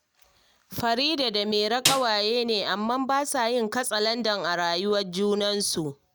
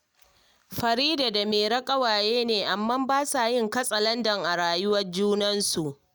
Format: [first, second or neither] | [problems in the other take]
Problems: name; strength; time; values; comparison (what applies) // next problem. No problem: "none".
second | background sound (Snare drum); 3 dB below the speech